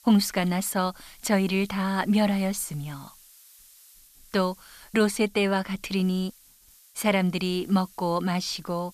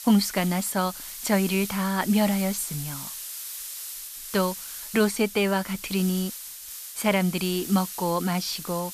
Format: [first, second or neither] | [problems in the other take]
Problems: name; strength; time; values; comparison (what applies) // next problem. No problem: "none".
first | hiss; loud; throughout; 9 dB below the speech; faint in the first